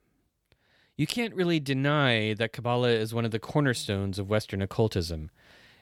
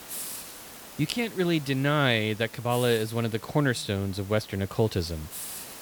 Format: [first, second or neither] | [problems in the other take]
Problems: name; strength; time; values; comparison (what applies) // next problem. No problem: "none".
first | hiss; noticeable; throughout; 15 dB below the speech